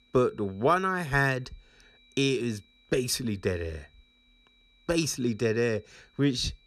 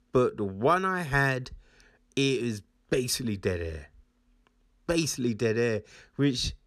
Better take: second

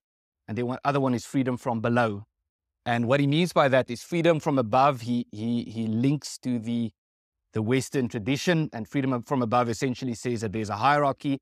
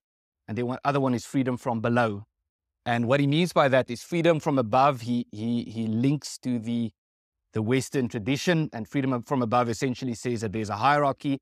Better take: neither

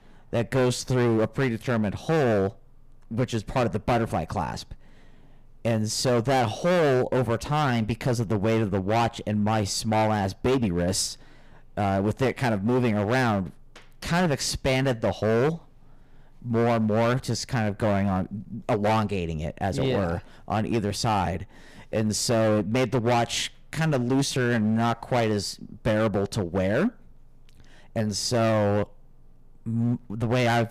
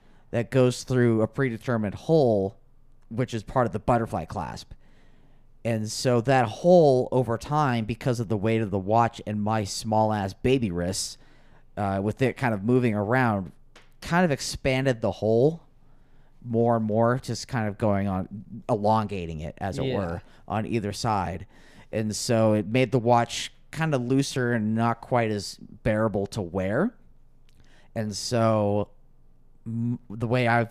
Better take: second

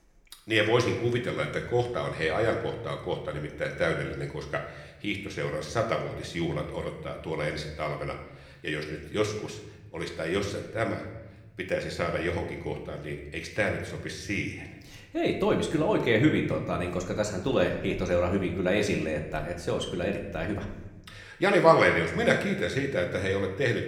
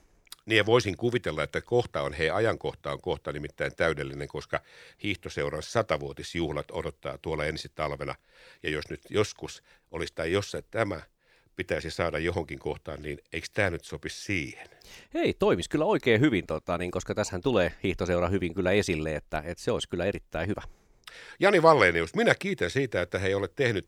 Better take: second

